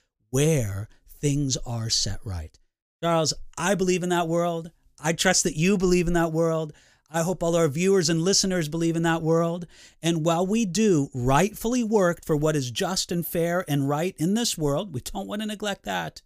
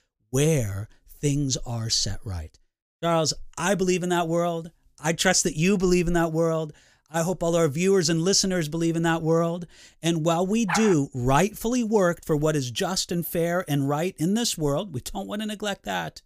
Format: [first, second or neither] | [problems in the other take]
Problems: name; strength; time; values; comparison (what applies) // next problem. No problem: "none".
first | dog barking; noticeable; at 11 s; peak 5 dB below the speech